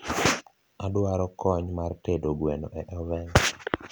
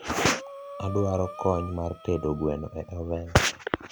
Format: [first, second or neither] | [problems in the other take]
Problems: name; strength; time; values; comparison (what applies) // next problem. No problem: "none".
first | background sound (Breathing); 14 dB below the speech